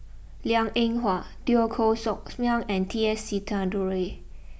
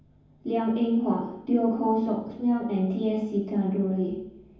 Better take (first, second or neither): first